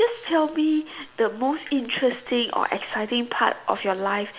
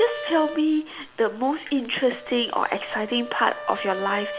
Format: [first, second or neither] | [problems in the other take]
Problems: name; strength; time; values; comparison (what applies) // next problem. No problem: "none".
first | background sound (Wind instrument, woodwind instrument); 12 dB below the speech